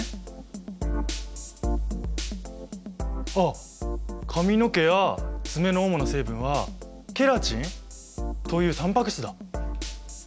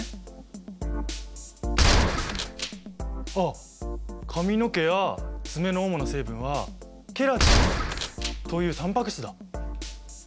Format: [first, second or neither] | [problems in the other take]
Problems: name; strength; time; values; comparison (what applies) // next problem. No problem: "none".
first | background sound (Gunshot, gunfire); 5 dB above the speech